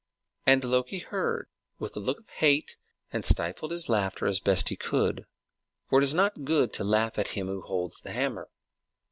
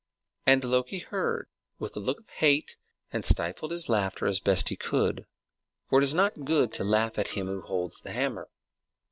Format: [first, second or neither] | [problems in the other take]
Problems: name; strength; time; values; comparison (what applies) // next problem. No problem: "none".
first | noise reduction (neural separator model SepFormer DNS4)